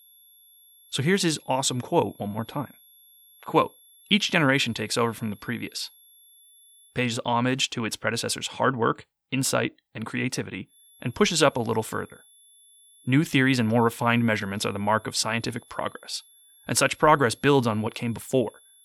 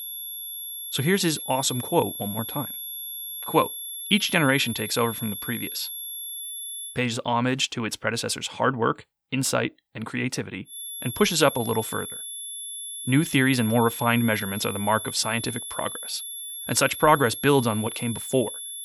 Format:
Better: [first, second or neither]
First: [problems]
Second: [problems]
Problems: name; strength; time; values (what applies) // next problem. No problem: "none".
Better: first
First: high-pitched whine; faint; until 7 s and from 11 s on; 11.5 kHz, 25 dB below the speech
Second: high-pitched whine; loud; until 7 s and from 11 s on; 11.5 kHz, 8 dB below the speech